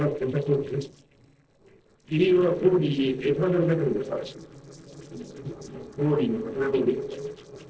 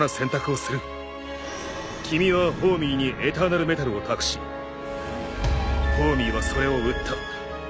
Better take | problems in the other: second | noise reduction (neural separator model SepFormer DNS4)

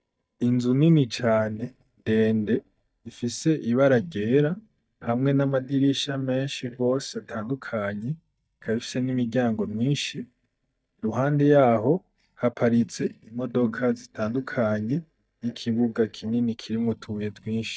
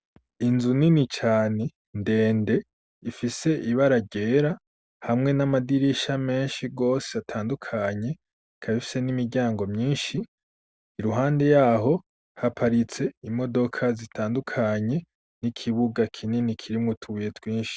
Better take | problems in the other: second | noise reduction (neural mask model DeepFilterNet 3)

